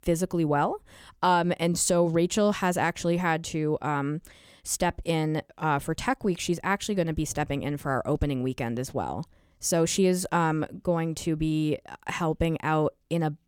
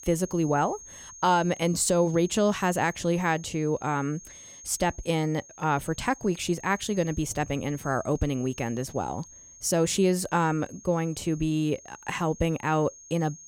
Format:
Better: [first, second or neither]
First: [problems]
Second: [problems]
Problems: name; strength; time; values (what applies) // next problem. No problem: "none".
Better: first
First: none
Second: high-pitched whine; noticeable; throughout; 6.5 kHz, 20 dB below the speech